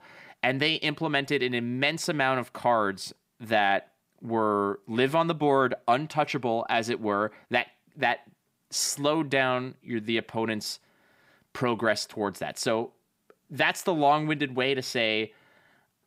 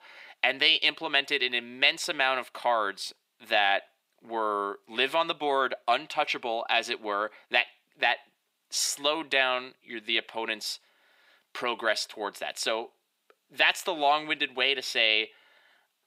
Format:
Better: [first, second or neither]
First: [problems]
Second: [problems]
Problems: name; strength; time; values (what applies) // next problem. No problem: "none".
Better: first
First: none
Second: thin; somewhat; fading below 500 Hz